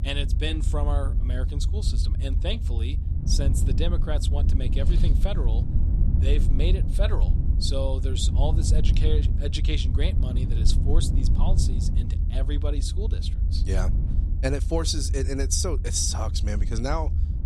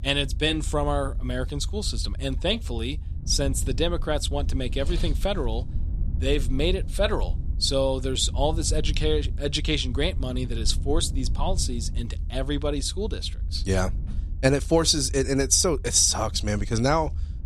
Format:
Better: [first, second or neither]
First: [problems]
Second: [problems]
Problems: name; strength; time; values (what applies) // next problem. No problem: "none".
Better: second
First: low rumble; loud; throughout; 9 dB below the speech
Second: low rumble; faint; throughout; 20 dB below the speech